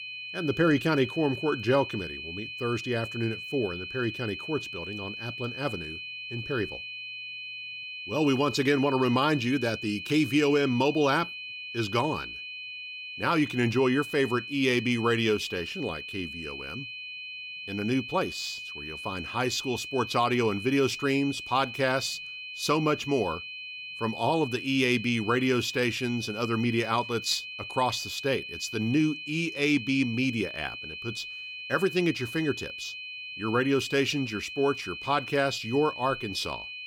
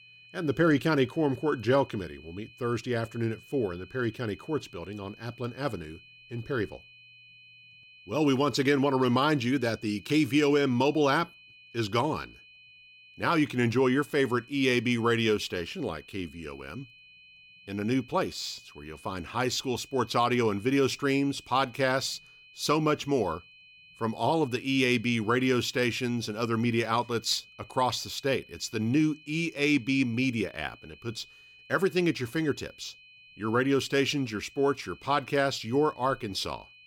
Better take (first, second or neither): second